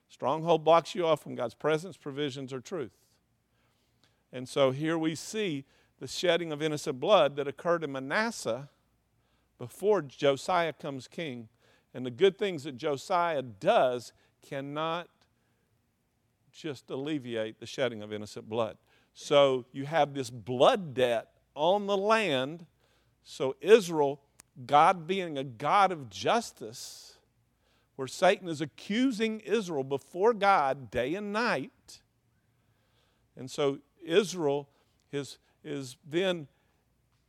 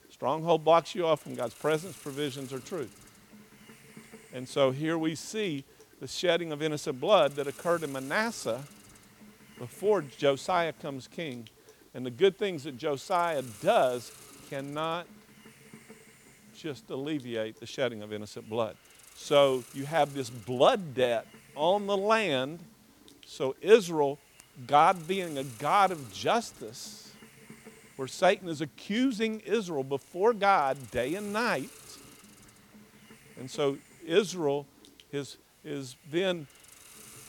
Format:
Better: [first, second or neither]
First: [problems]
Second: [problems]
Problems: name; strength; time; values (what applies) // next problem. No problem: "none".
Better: first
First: none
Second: hiss; faint; throughout; 25 dB below the speech